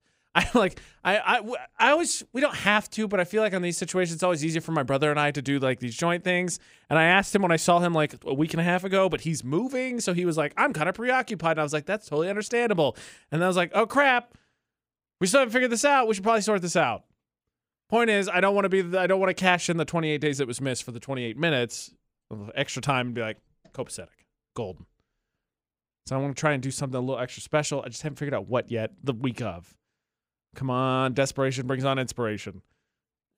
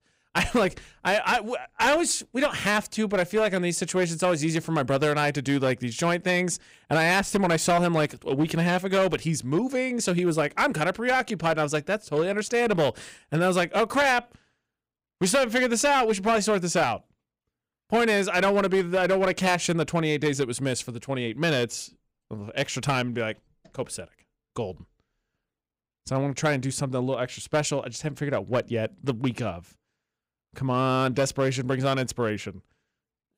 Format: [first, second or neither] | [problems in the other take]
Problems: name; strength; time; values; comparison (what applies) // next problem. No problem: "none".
first | distortion; slight; 5% of the sound clipped